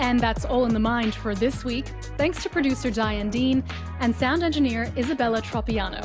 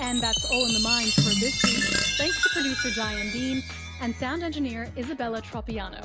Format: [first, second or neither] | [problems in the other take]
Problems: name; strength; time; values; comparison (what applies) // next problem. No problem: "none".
first | background sound (Chime + Fart); 3 dB above the speech